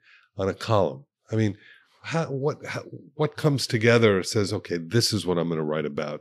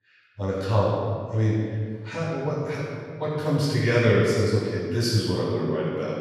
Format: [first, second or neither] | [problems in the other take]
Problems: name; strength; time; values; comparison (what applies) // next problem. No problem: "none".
first | room echo; strong; dies away in 1.8 s // off-mic speech; far